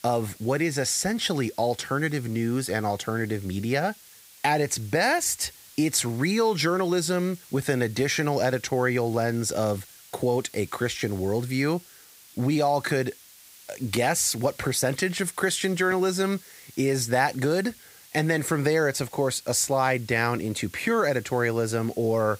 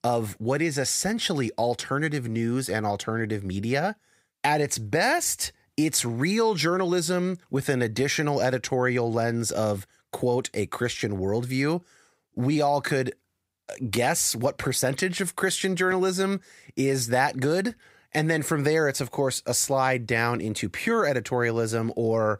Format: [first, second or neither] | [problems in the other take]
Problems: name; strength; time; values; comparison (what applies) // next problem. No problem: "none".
second | hiss; faint; throughout; 20 dB below the speech